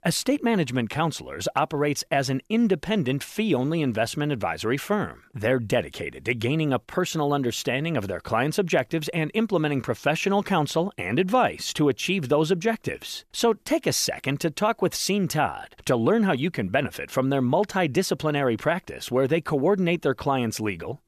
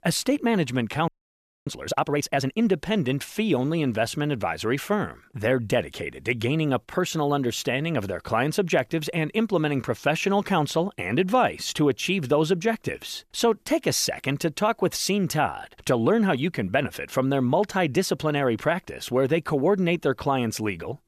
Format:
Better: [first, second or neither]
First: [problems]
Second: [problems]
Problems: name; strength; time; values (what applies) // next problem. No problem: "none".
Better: first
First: none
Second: audio freezing; at 1 s for 0.5 s